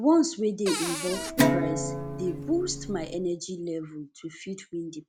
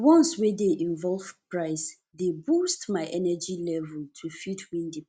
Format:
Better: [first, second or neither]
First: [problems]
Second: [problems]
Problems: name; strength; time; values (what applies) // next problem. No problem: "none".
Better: second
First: background sound (Guitar + Cupboard open or close); as loud as the speech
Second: none